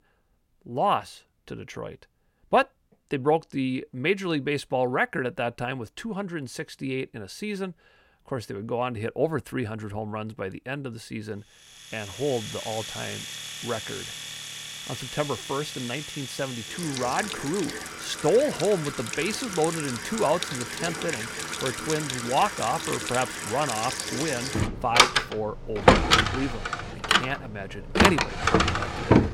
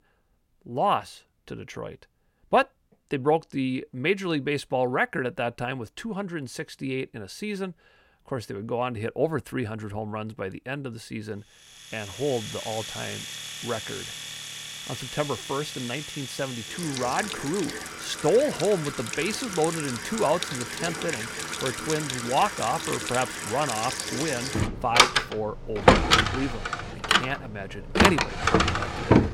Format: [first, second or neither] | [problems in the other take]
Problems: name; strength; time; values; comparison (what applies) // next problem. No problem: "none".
neither | household noises; very loud; from 12 s on; 2 dB above the speech; the same in both